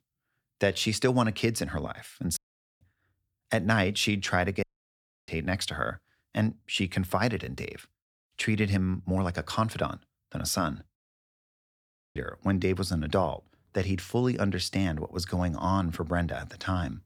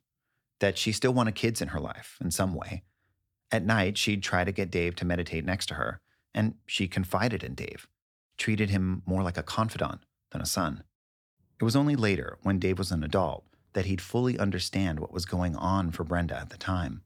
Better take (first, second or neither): second